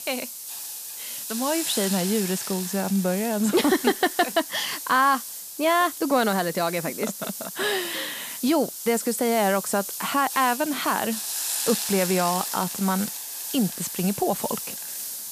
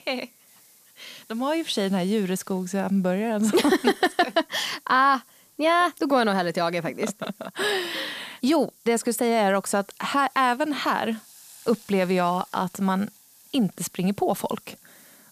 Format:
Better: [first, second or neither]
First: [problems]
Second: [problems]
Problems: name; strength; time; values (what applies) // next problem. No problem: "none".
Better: second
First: hiss; loud; throughout; 6 dB below the speech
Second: hiss; faint; throughout; 25 dB below the speech